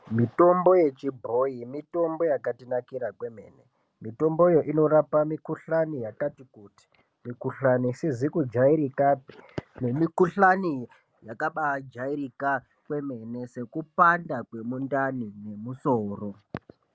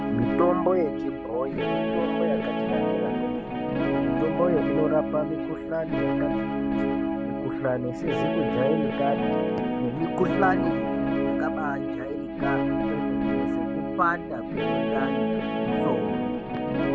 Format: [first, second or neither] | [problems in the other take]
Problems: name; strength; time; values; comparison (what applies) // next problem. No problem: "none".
first | background sound (Guitar); 4 dB above the speech